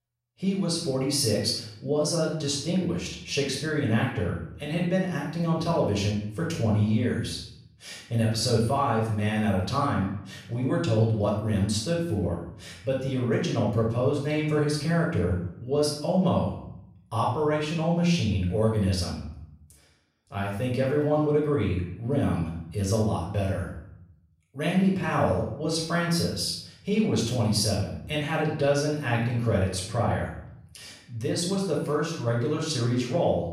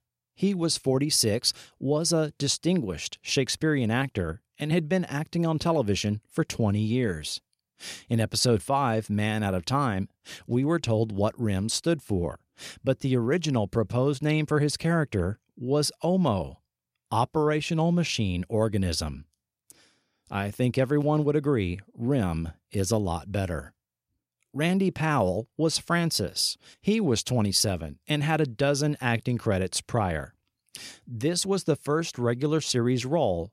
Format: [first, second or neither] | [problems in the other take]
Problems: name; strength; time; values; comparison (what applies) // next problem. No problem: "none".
second | off-mic speech; far // room echo; noticeable; dies away in 0.6 s